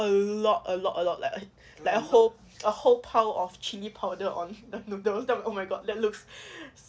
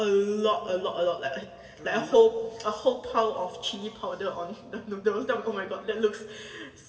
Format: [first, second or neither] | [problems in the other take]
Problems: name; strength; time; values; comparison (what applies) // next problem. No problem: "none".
first | room echo; dies away in 1.7 s